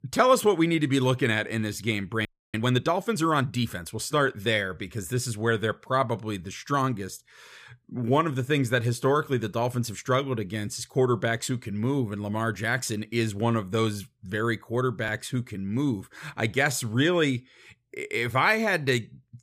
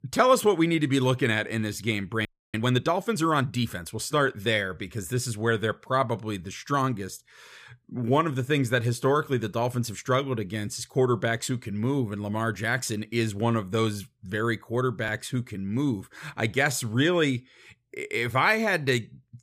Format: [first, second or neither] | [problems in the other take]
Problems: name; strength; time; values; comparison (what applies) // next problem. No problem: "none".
neither | audio freezing; at 2.5 s; the same in both